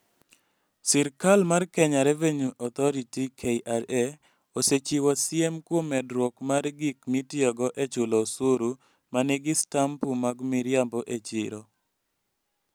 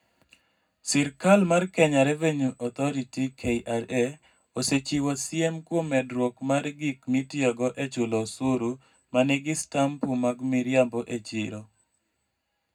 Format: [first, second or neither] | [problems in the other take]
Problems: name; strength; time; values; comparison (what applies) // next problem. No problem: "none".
first | room echo; dies away in 0.3 s